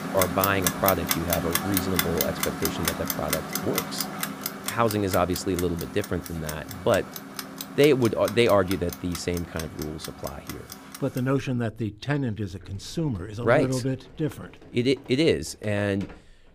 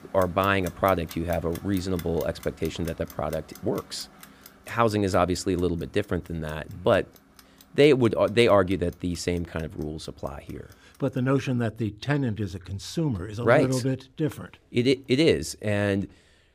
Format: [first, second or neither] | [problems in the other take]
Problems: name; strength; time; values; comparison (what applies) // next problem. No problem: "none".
second | household noises; loud; throughout; 4 dB below the speech; faint in the second